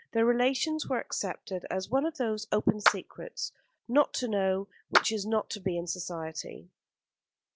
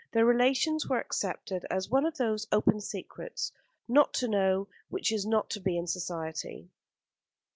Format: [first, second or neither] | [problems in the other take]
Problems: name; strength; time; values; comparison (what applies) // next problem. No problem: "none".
second | background sound (Clapping); 3 dB below the speech